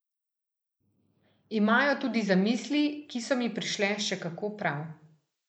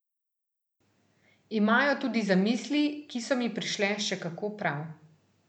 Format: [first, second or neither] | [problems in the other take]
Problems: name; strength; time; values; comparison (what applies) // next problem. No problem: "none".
second | noise reduction (neural mask model Resemble Enhance denoiser)